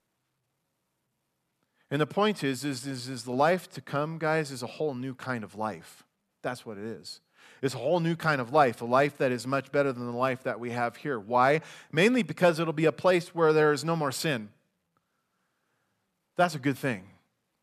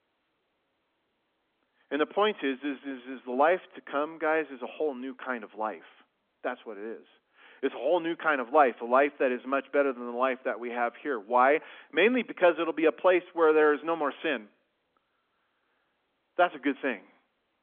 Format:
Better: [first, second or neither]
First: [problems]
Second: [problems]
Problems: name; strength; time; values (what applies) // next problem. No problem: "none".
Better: first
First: none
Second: phone-call audio; nothing above 3.5 kHz